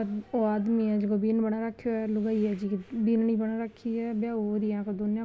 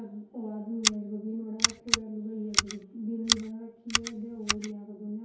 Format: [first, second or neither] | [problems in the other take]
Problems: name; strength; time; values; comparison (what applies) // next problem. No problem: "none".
first | background sound (Scissors); 4 dB above the speech // room echo; dies away in 2.4 s